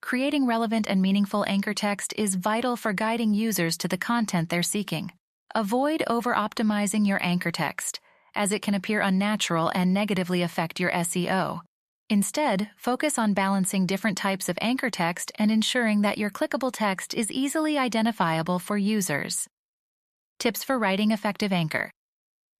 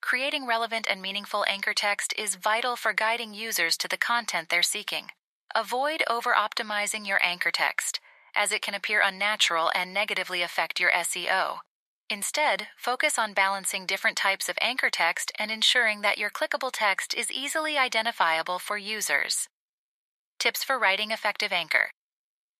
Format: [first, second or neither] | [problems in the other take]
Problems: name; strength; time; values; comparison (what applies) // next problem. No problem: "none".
first | thin; very; fading below 700 Hz